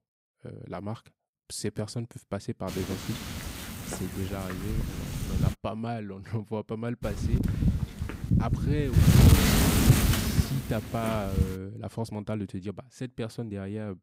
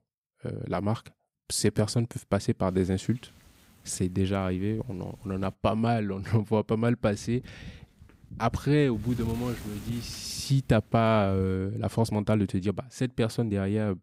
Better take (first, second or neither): second